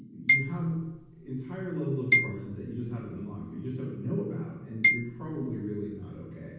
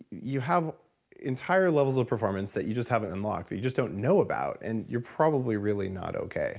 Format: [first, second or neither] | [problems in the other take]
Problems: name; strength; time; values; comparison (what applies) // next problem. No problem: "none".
second | background sound (Marimba, xylophone); 3 dB above the speech // room echo; dies away in 1.2 s